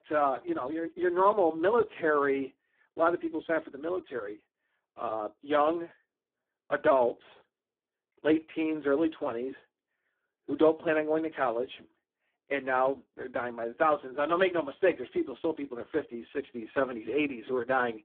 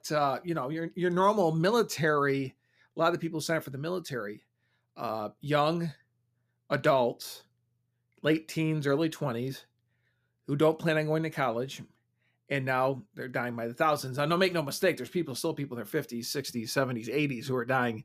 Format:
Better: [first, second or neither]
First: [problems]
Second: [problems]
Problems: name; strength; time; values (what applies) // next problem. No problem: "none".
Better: second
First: phone-call audio; poor line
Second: none